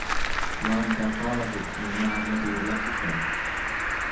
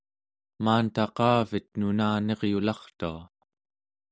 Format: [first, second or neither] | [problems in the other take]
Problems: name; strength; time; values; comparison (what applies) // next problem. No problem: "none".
second | background sound (Cricket); 2 dB above the speech // room echo; dies away in 0.6 s